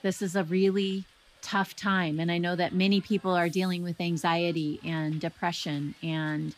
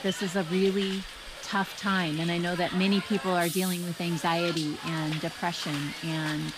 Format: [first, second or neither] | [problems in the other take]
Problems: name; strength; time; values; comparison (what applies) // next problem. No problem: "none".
first | hiss; loud; throughout; 7 dB below the speech; faint in the first